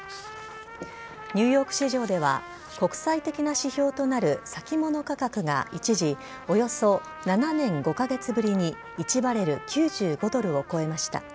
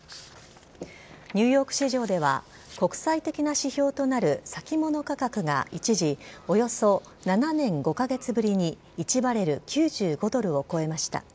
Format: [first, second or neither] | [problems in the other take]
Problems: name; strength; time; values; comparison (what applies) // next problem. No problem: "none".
second | background sound (Trumpet); 16 dB below the speech